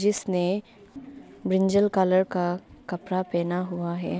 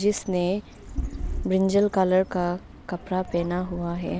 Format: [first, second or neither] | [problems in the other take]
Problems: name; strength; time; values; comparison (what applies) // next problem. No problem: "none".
first | background sound (Bird vocalization, bird call, bird song); 11 dB below the speech